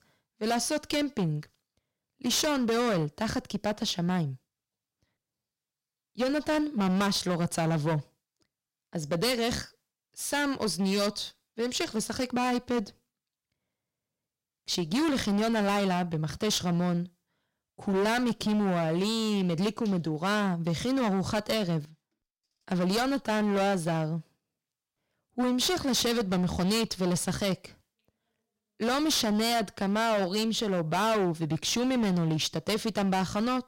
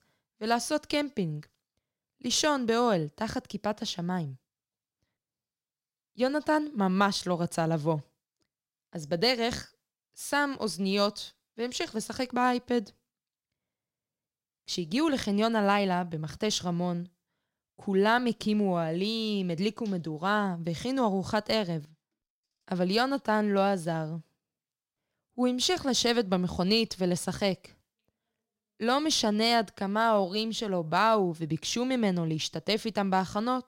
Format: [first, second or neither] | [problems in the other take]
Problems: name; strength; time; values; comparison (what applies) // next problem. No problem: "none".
second | distortion; heavy; 16% of the sound clipped